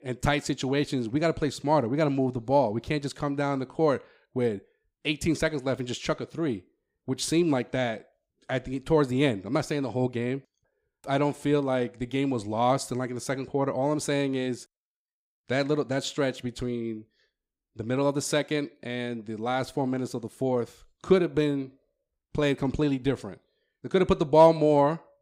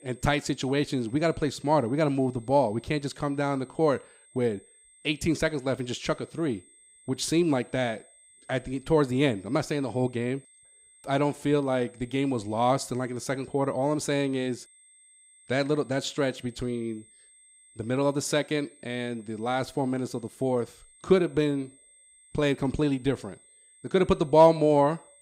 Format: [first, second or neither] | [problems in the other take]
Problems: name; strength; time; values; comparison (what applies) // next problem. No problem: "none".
first | high-pitched whine; faint; throughout; 8.5 kHz, 25 dB below the speech